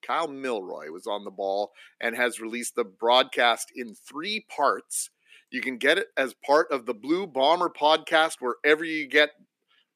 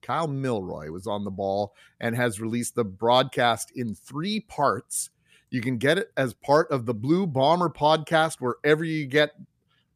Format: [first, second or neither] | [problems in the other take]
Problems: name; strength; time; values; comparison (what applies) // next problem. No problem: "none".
second | thin; somewhat; fading below 300 Hz